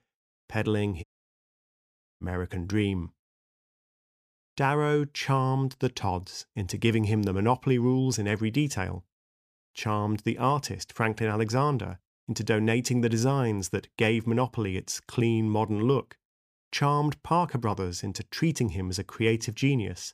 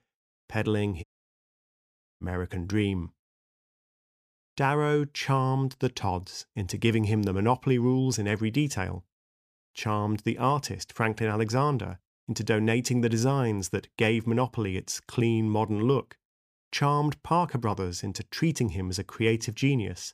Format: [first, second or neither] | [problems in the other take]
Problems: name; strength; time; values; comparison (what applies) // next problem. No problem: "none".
neither | audio cutting out; at 1 s for 1 s; the same in both